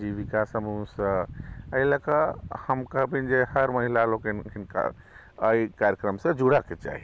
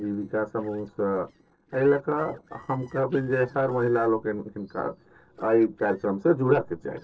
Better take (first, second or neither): first